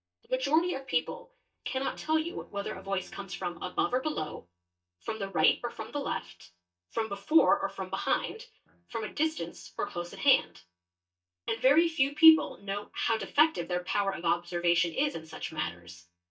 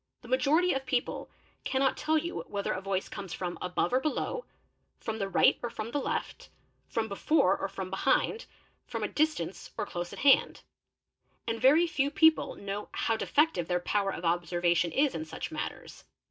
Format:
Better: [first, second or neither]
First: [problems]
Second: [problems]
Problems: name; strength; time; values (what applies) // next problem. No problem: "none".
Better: second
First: noise reduction (neural mask model DeepFilterNet 3)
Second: none